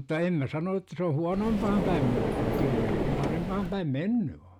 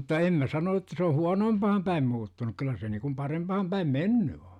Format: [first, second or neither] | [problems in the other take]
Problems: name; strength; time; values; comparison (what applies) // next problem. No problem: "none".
second | background sound (Car); as loud as the speech